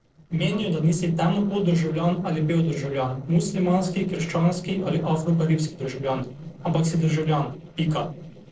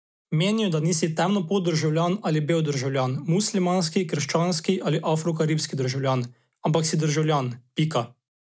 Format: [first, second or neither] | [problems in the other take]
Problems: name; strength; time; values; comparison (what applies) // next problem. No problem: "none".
second | noise reduction (neural separator model SepFormer DNS4)